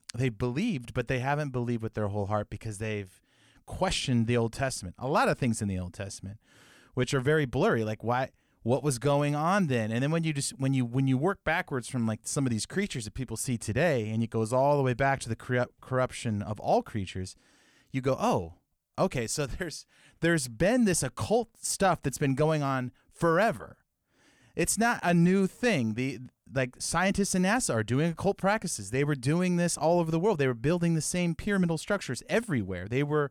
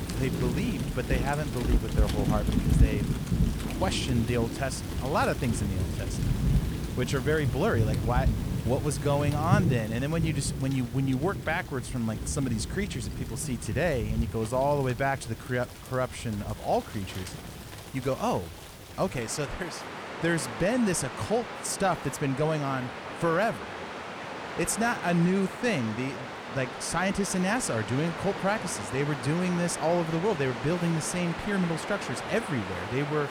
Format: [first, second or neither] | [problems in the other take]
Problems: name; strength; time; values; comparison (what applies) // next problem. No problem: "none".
first | rain or running water; loud; throughout; 4 dB below the speech